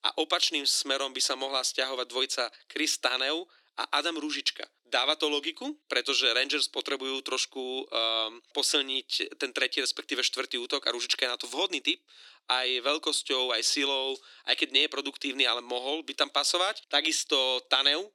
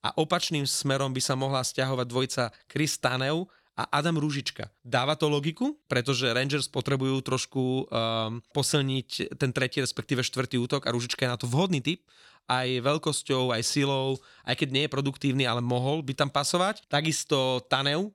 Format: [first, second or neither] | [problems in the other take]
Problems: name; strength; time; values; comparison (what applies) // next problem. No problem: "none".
second | thin; somewhat; fading below 300 Hz